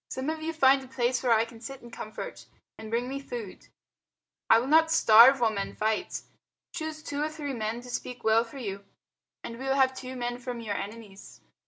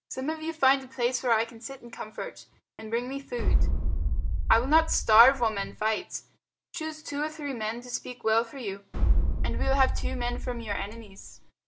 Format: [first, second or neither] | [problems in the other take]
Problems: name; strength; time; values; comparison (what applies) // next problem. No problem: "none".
first | background sound (Boom); 3 dB above the speech